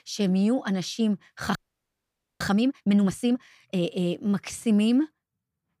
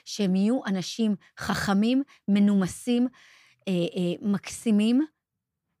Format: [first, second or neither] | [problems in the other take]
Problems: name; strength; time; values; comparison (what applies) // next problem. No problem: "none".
second | audio freezing; at 1.5 s for 1 s